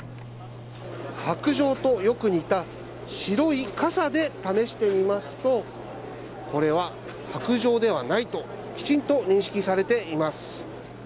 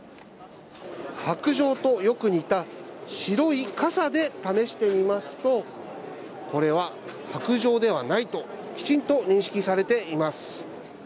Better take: second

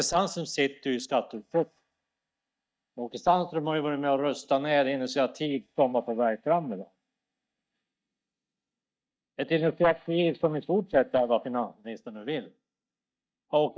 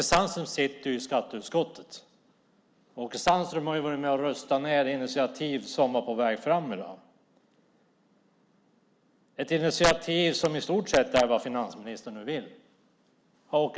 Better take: second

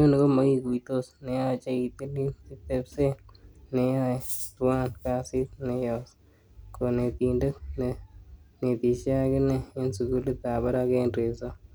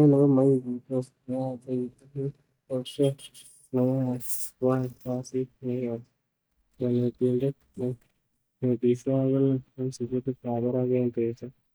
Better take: first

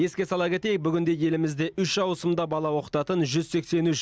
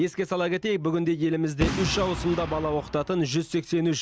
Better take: first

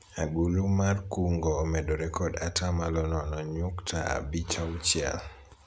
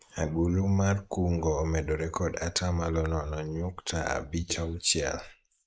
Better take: first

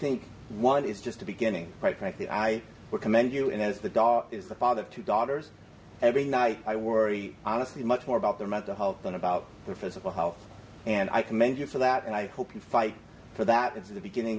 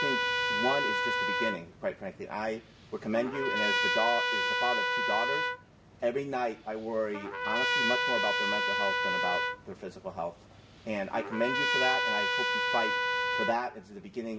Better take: first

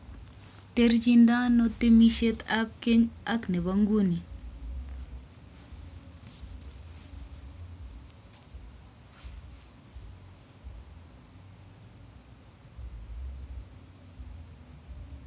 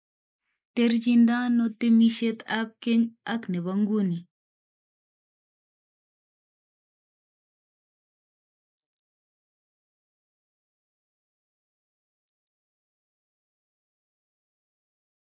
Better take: first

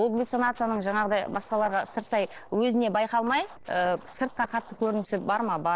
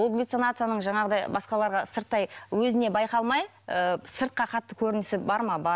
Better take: second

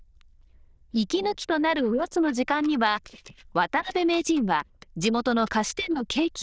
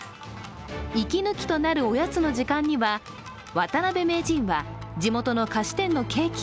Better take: second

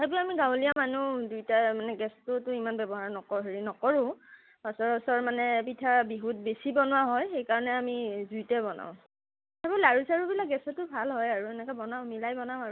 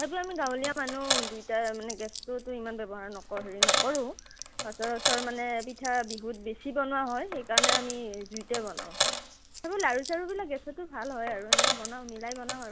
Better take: first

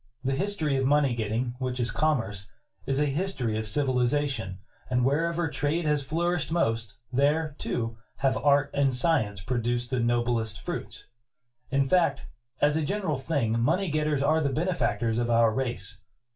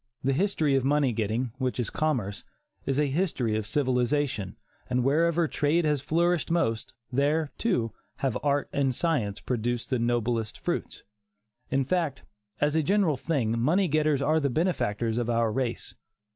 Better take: second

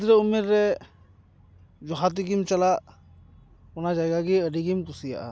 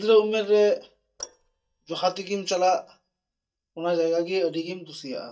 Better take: first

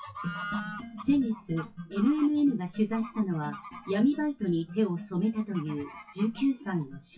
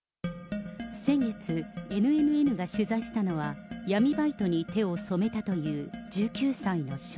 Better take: second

